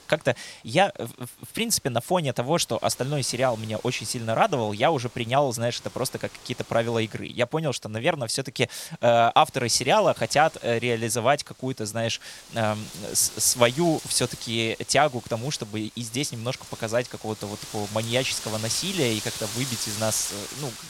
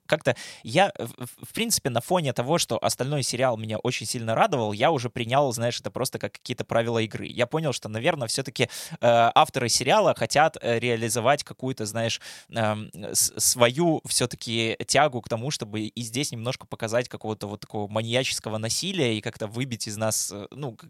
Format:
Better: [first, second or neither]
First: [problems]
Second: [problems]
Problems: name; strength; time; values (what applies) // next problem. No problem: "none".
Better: second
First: wind noise on the microphone; occasional gusts; 15 dB below the speech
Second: none